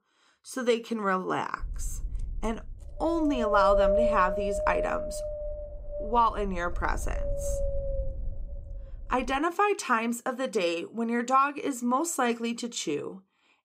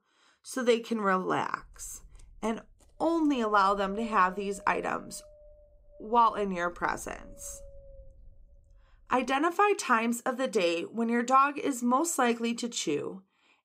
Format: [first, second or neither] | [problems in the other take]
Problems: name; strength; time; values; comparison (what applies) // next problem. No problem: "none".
second | wind noise on the microphone; heavy; from 1.5 to 9.5 s; 2 dB below the speech; occasional gusts in the second